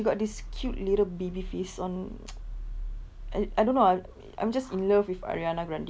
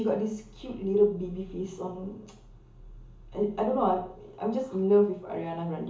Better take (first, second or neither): first